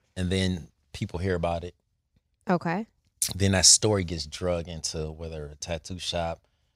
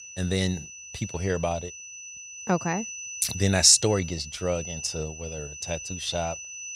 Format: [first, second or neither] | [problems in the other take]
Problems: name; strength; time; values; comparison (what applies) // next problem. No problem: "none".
first | high-pitched whine; noticeable; throughout; 6 kHz, 10 dB below the speech